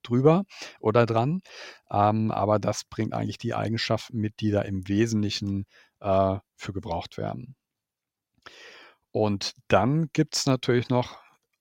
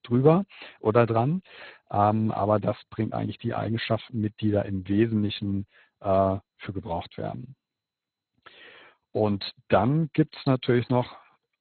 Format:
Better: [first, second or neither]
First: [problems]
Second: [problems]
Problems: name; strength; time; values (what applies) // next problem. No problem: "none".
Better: first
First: none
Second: garbled, watery; badly; nothing above 4 kHz